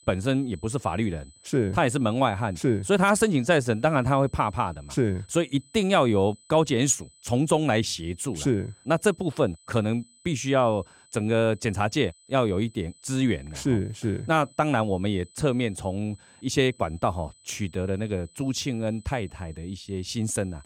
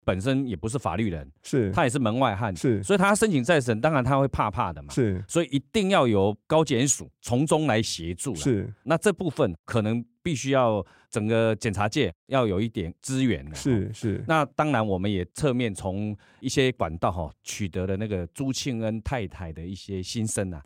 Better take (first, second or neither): second